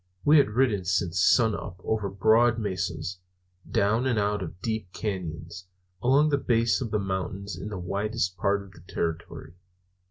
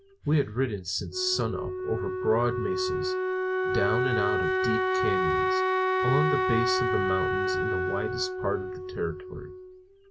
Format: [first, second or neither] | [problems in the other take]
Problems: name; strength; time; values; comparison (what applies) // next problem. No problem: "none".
first | background sound (Wind instrument, woodwind instrument); 2 dB above the speech